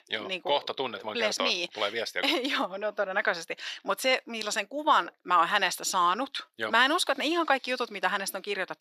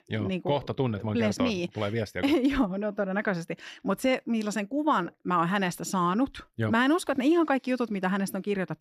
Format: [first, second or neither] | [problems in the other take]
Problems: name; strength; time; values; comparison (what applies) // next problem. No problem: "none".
second | thin; very; fading below 600 Hz